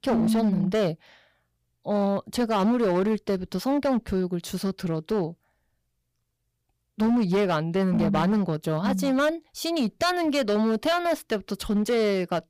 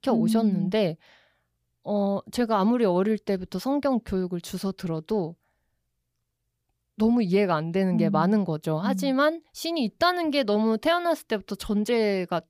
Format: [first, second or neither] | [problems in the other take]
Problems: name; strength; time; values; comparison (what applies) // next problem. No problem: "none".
second | distortion; slight; 11% of the sound clipped